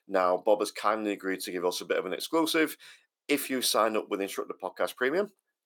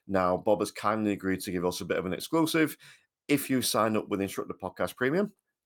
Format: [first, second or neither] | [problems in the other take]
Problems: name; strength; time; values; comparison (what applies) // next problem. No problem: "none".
second | thin; very slightly; fading below 400 Hz